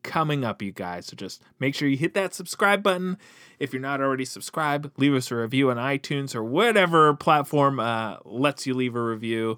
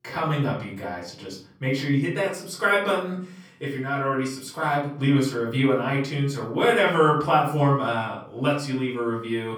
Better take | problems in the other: first | off-mic speech; far // room echo; slight; dies away in 0.4 s

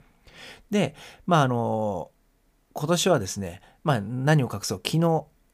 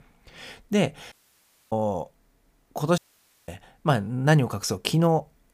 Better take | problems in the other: first | audio cutting out; at 1 s for 0.5 s and at 3 s for 0.5 s

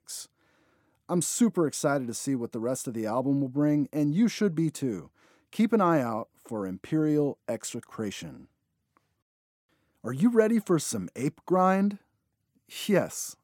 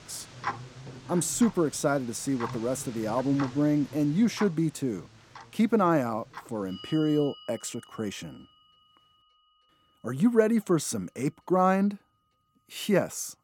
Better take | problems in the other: first | household noises; noticeable; throughout; 15 dB below the speech

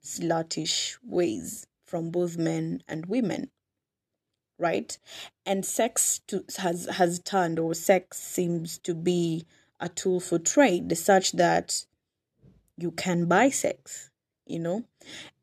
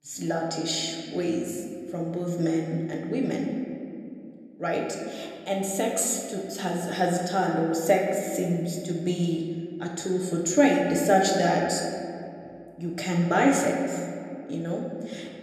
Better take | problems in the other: first | room echo; noticeable; dies away in 2 s // off-mic speech; somewhat distant

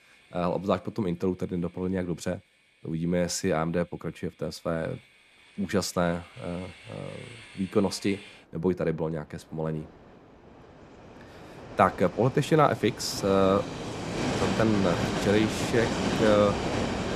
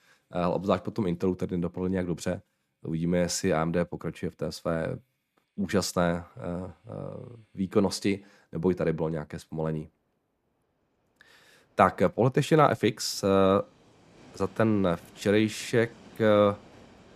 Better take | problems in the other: second | train or aircraft noise; loud; throughout; 4 dB below the speech; faint in the second

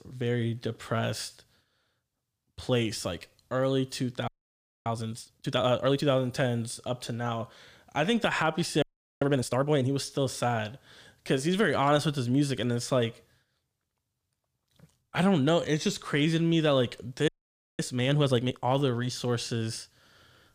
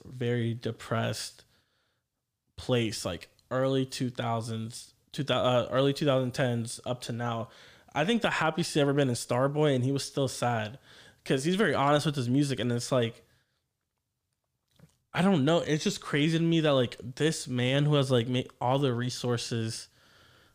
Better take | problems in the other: second | audio freezing; at 4.5 s for 0.5 s, at 9 s and at 17 s for 0.5 s

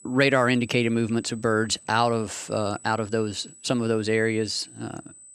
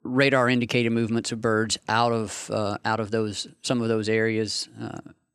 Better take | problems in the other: second | high-pitched whine; faint; throughout; 8 kHz, 20 dB below the speech

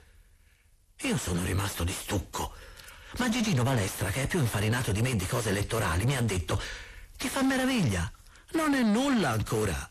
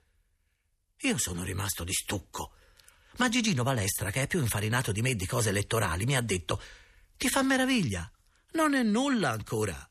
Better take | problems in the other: second | distortion; heavy; 5 dB below the speech

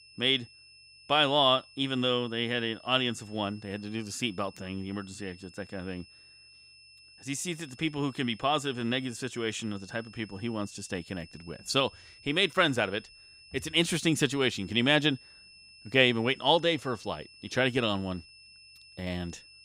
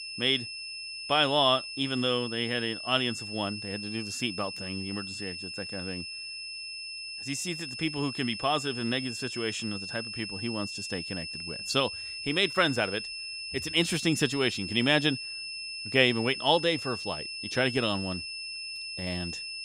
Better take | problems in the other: first | high-pitched whine; loud; throughout; 5 kHz, 7 dB below the speech; faint in the first

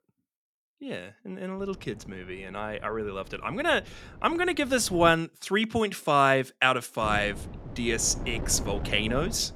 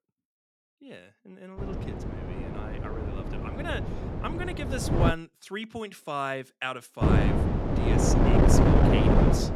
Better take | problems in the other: first | wind noise on the microphone; heavy; from 1.5 to 5 s and from 7 s on; 4 dB above the speech; occasional gusts in the first

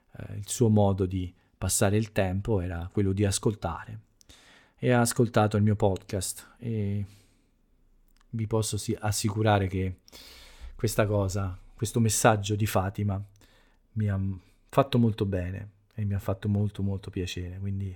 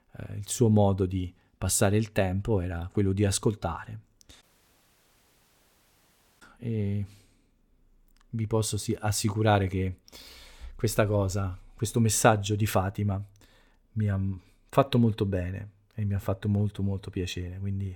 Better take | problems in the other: first | audio cutting out; at 4.5 s for 2 s

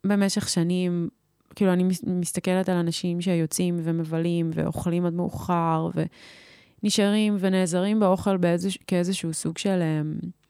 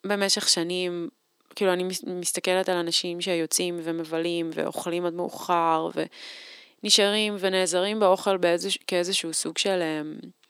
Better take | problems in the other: first | thin; somewhat; fading below 350 Hz

